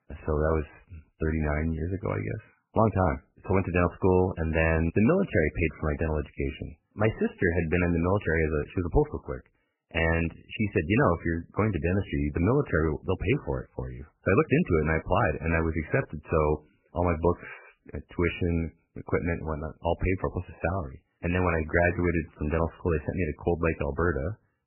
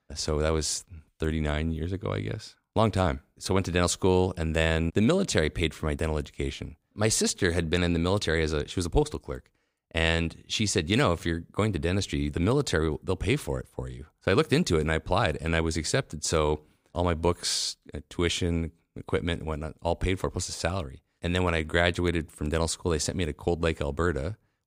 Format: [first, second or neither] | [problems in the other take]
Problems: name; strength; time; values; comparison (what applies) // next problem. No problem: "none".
second | garbled, watery; badly; nothing above 3 kHz